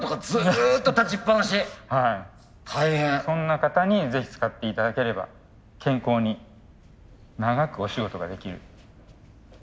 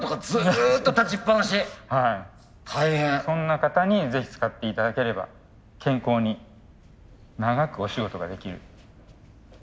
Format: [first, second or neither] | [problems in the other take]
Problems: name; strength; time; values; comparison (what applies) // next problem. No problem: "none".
first | background sound (Gurgling / Liquid); 18 dB below the speech